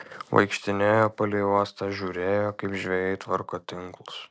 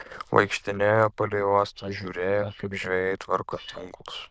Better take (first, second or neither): first